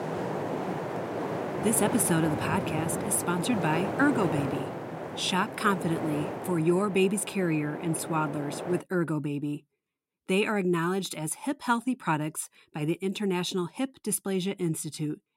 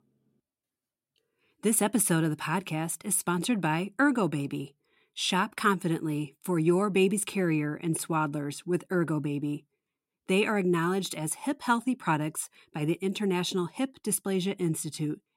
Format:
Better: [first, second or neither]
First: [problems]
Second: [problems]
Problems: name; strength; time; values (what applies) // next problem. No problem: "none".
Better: second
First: wind noise on the microphone; heavy; until 9 s; 4 dB below the speech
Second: none